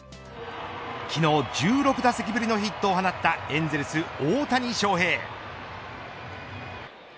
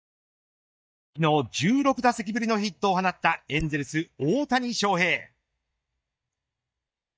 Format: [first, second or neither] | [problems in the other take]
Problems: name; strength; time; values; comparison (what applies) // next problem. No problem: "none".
first | noise reduction (neural mask model DeepFilterNet 3)